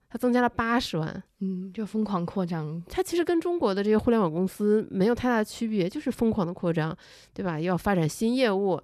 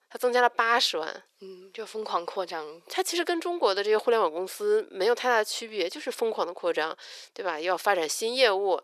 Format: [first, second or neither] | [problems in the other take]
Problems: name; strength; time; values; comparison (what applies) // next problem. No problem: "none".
first | thin; very; fading below 450 Hz